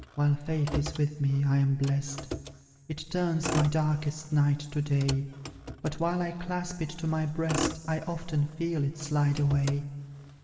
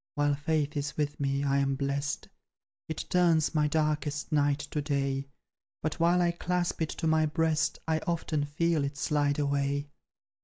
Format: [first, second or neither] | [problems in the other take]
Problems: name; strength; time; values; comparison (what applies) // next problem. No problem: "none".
second | background sound (Motor vehicle (road)); 11 dB below the speech // room echo; dies away in 2.5 s